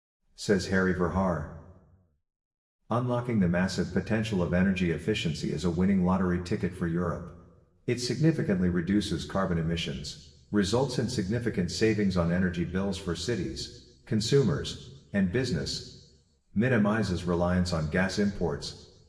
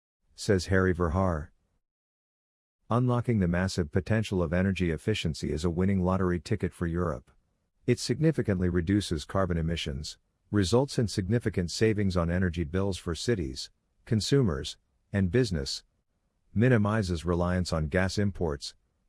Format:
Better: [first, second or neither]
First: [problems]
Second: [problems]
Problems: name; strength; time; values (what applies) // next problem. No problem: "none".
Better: second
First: room echo; very slight; dies away in 0.8 s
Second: none